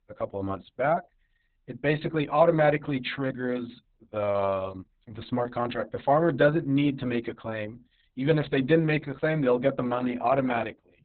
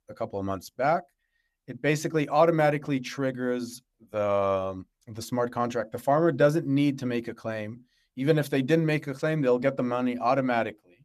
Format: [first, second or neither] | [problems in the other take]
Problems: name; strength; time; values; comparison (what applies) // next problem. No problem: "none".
second | garbled, watery; badly; nothing above 4 kHz; slightly in the second